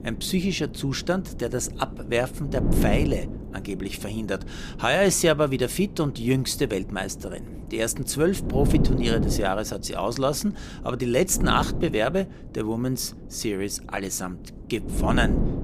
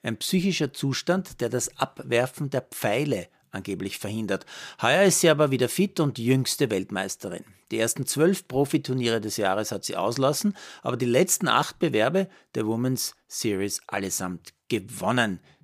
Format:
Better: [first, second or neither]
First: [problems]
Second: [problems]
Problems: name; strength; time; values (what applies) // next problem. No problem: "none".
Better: second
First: wind noise on the microphone; occasional gusts; 10 dB below the speech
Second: none